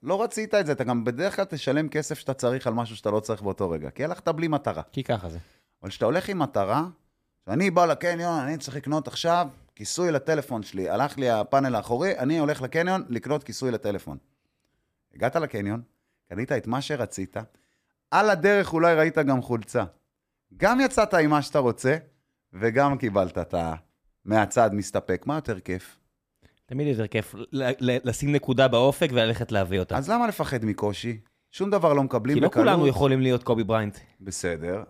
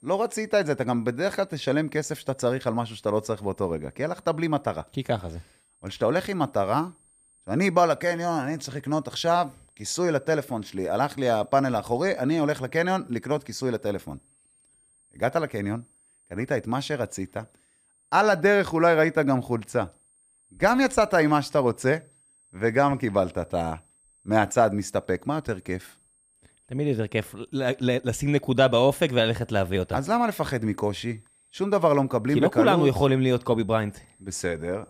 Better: first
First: none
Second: high-pitched whine; faint; throughout; 8.5 kHz, 35 dB below the speech

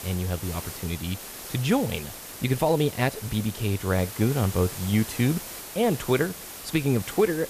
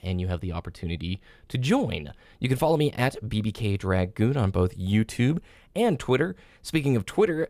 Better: second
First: hiss; noticeable; throughout; 10 dB below the speech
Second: none

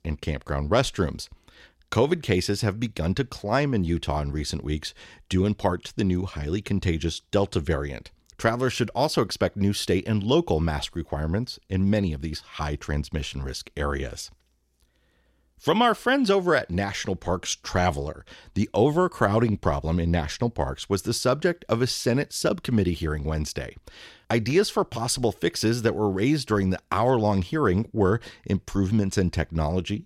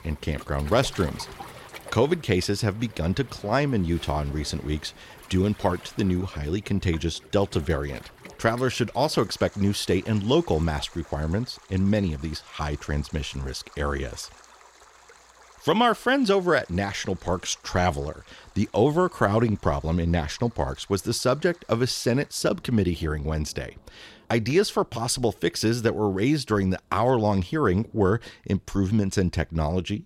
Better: first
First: none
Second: rain or running water; faint; throughout; 20 dB below the speech

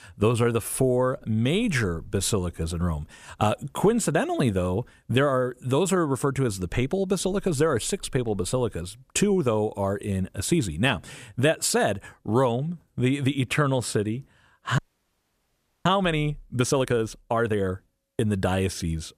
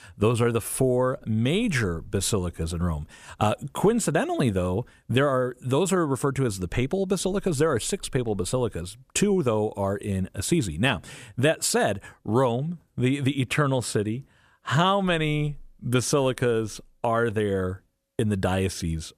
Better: second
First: audio freezing; at 15 s for 1 s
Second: none

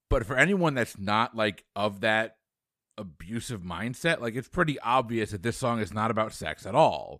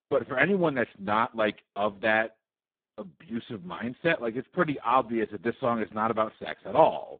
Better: first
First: none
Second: phone-call audio; poor line; nothing above 3.5 kHz

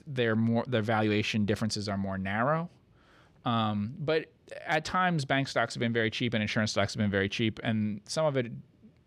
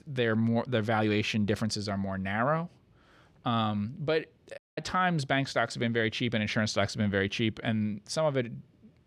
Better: first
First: none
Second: audio cutting out; at 4.5 s

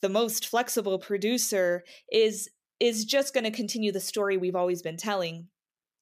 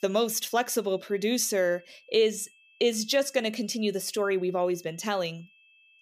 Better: first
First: none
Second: high-pitched whine; faint; throughout; 2.5 kHz, 30 dB below the speech

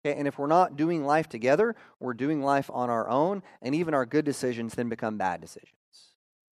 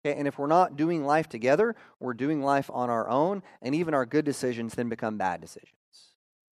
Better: neither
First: none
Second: none

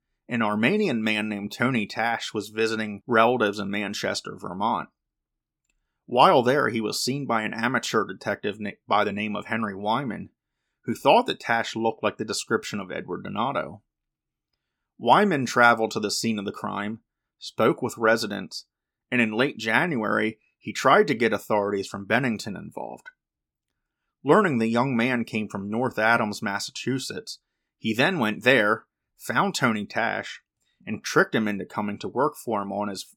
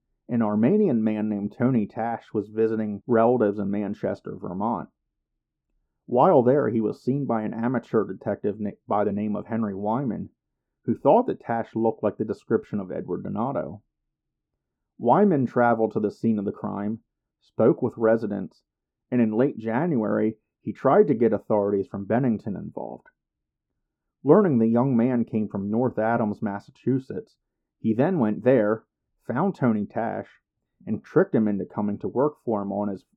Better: first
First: none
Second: muffled; very; fading above 1.5 kHz

